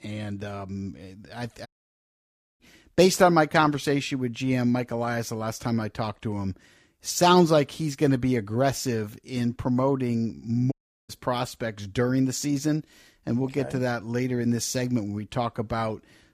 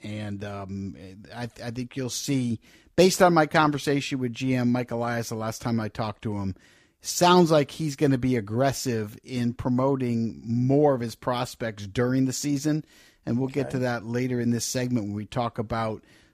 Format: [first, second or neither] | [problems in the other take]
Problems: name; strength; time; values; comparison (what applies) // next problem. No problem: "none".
second | audio cutting out; at 1.5 s for 1 s and at 11 s